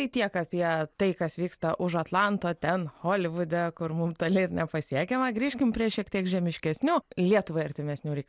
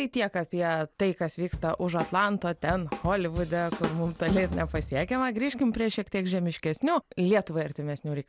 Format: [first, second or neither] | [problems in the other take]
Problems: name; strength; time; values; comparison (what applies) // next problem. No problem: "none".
first | background sound (Drum / Drum kit); 8 dB below the speech